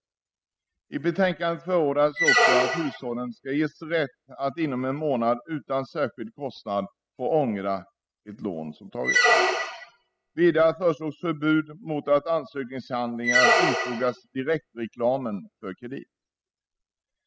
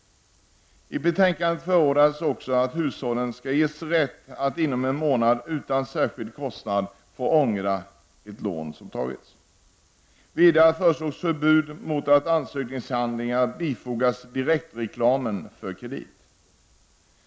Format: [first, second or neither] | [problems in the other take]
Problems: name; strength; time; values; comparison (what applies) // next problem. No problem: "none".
second | noise reduction (classical method spectral subtraction)